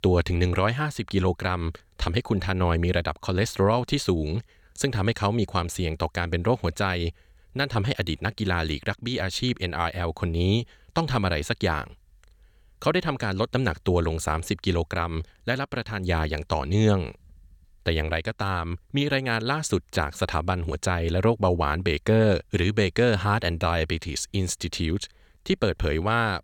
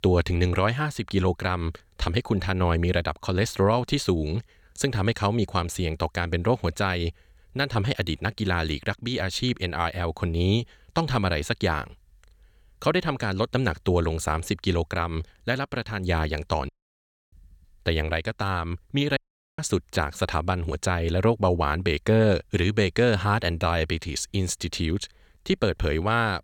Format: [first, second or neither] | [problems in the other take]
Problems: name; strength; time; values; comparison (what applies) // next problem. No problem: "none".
first | audio cutting out; at 17 s for 0.5 s and at 19 s